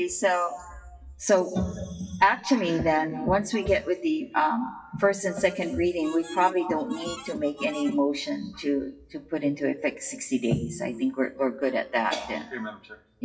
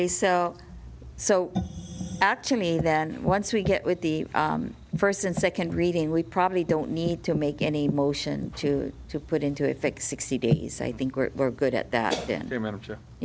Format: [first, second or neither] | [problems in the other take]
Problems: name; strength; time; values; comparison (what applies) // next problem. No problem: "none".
second | noise reduction (classical method WPE with log-MMSE)